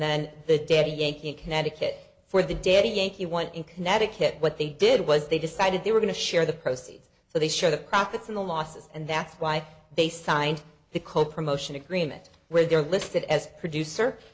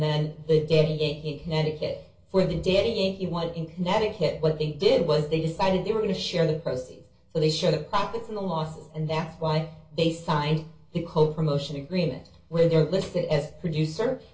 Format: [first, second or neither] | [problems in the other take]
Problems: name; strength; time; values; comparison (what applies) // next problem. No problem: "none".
first | room echo; dies away in 0.2 s